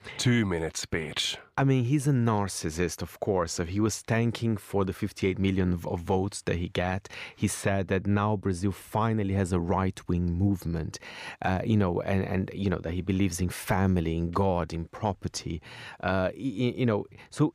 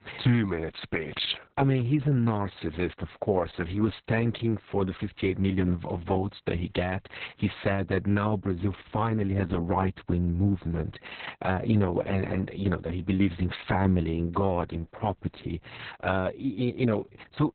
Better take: first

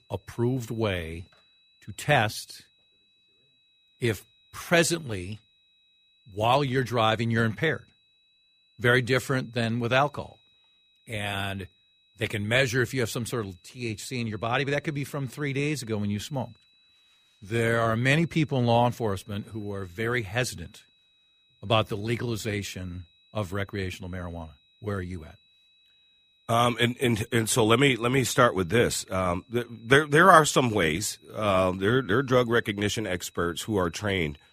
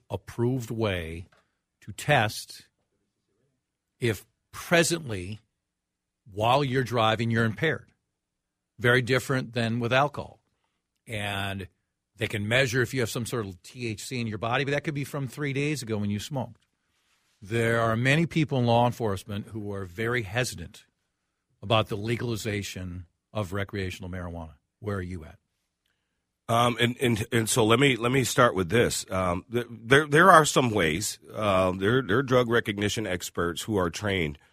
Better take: second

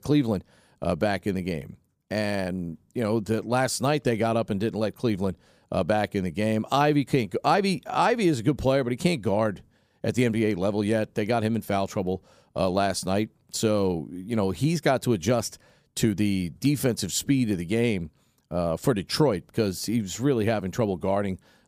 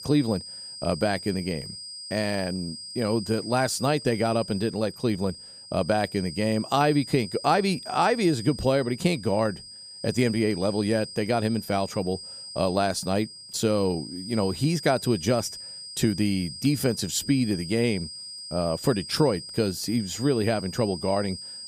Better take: first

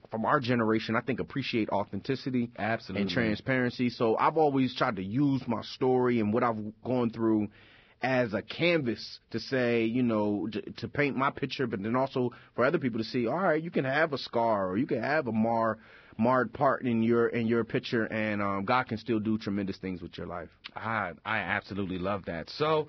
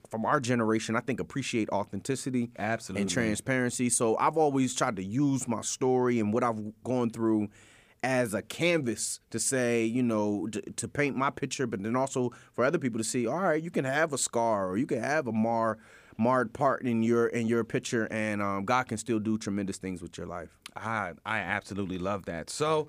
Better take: second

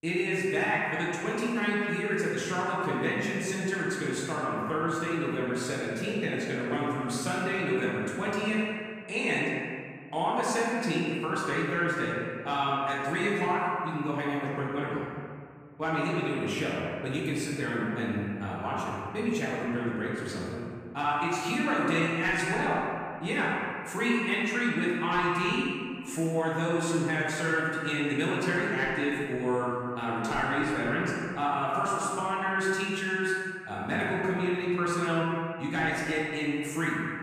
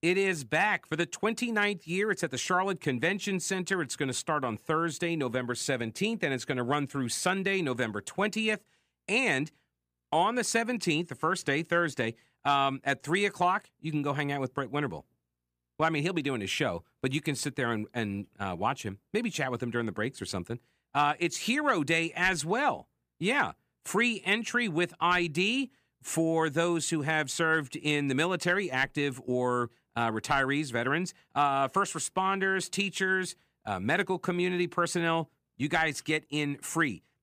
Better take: second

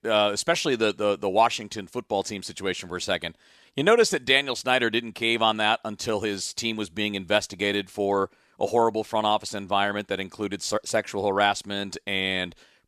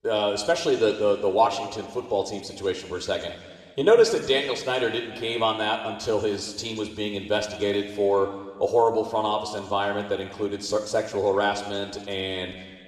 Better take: first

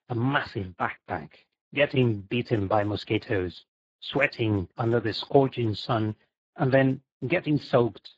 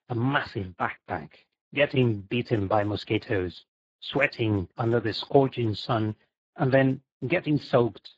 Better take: neither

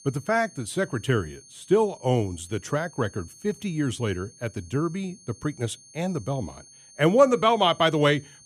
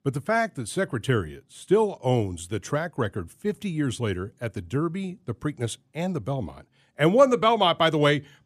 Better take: second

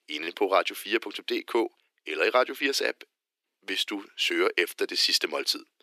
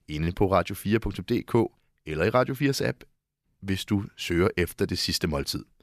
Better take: second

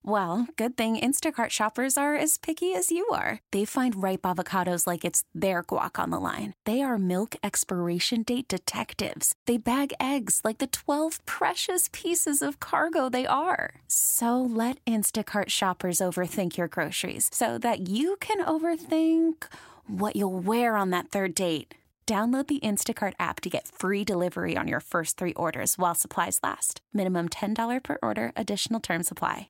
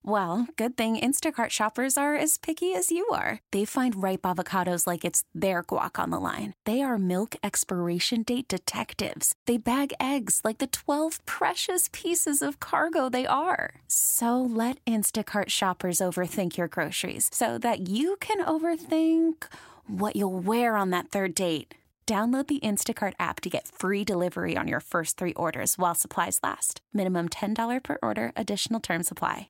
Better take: neither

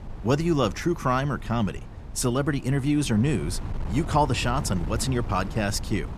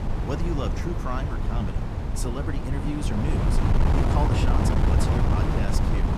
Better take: first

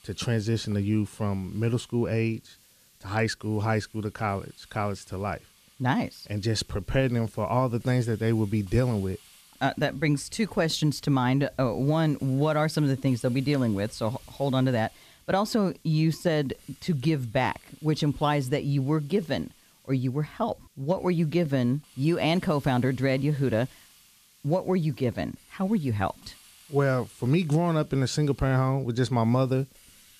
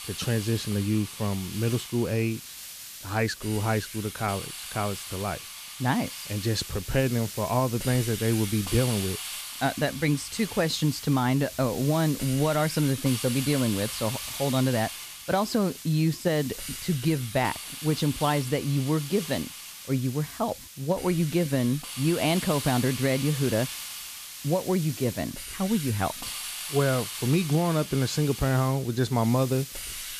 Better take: first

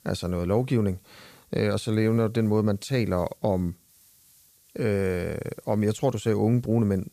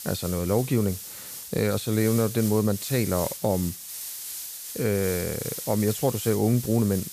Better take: first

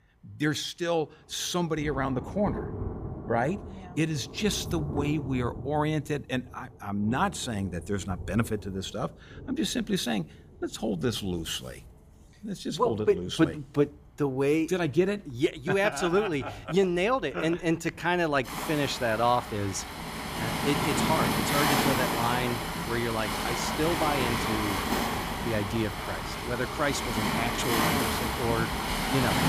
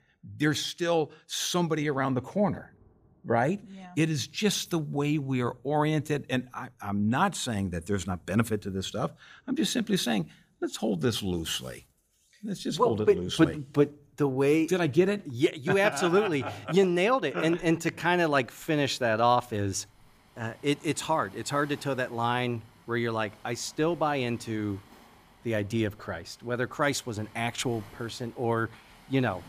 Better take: second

